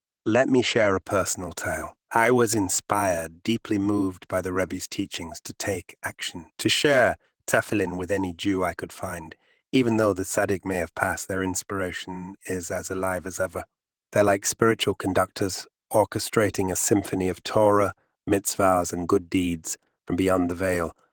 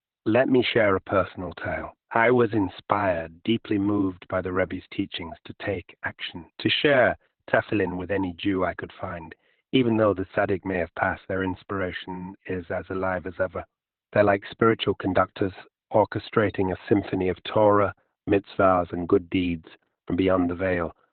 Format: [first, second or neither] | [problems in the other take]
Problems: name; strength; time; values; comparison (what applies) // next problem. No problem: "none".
first | garbled, watery; badly; nothing above 4 kHz; slightly in the first